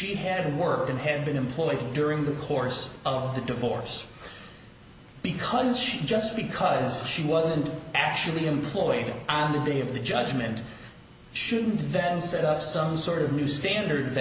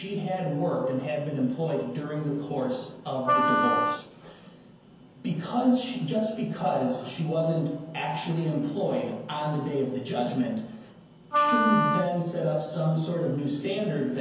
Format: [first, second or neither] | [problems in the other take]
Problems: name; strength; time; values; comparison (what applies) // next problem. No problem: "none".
first | background sound (Wind instrument, woodwind instrument); 2 dB above the speech // room echo; dies away in 0.5 s